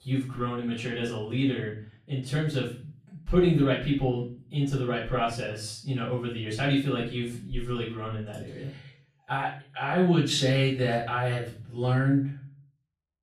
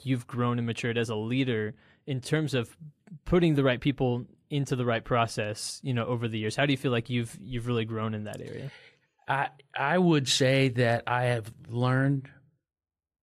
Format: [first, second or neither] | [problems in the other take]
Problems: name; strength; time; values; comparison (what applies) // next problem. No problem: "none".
second | off-mic speech; far // room echo; slight; dies away in 0.4 s